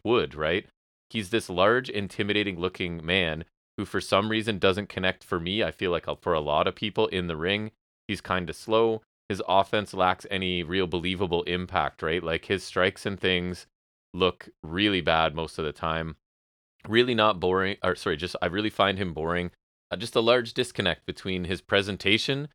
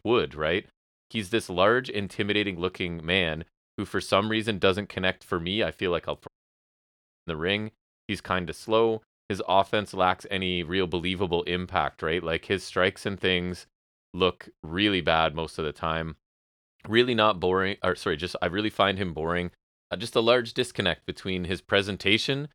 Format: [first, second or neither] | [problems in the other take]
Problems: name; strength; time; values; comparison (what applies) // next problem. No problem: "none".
first | audio cutting out; at 6.5 s for 1 s